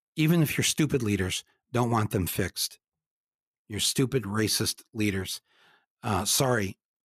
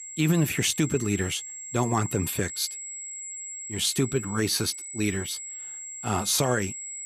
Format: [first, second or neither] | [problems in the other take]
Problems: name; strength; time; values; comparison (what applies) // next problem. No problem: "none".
first | high-pitched whine; loud; throughout; 7.5 kHz, 8 dB below the speech